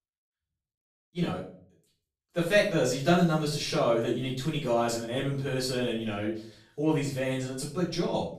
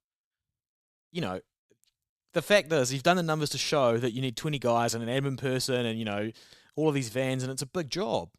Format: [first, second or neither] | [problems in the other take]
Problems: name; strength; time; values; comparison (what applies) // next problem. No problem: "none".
second | off-mic speech; far // room echo; noticeable; dies away in 0.4 s